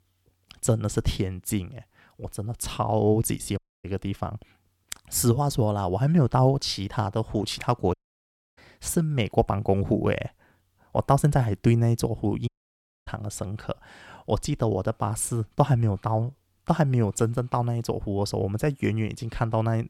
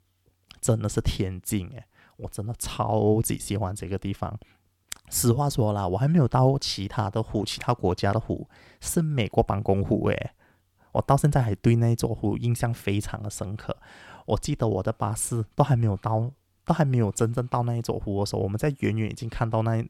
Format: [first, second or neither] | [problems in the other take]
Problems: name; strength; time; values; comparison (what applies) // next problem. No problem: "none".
second | audio cutting out; at 3.5 s, at 8 s for 0.5 s and at 12 s for 0.5 s